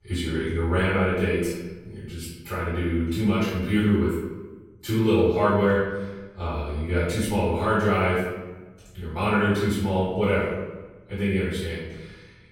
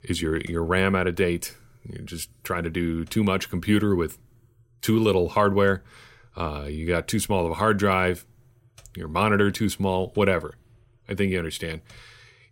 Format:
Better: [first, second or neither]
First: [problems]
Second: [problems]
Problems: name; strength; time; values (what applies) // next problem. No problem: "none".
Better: second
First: off-mic speech; far // room echo; strong; dies away in 1 s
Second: none